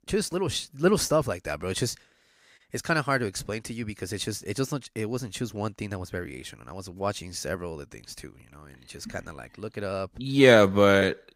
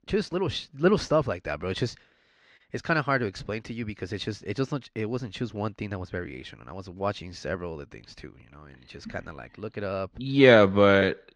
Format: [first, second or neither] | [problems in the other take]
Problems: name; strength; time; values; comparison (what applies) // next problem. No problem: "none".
first | muffled; very slightly; fading above 4 kHz